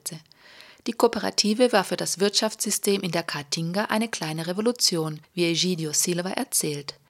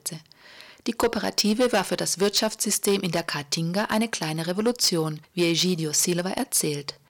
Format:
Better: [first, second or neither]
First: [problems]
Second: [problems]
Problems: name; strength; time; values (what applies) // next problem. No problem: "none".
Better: first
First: none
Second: distortion; slight; 4% of the sound clipped